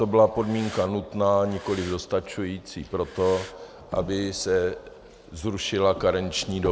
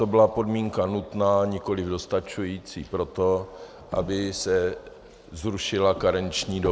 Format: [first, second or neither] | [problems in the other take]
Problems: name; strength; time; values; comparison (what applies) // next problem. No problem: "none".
second | background sound (Breathing); 19 dB below the speech